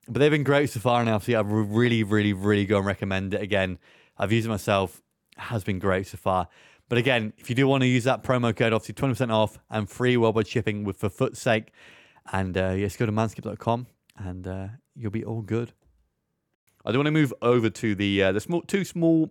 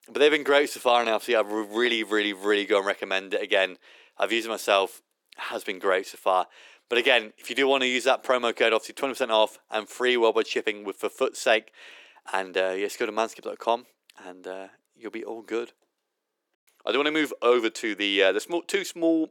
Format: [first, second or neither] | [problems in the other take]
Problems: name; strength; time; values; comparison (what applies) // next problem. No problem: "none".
first | thin; somewhat; fading below 350 Hz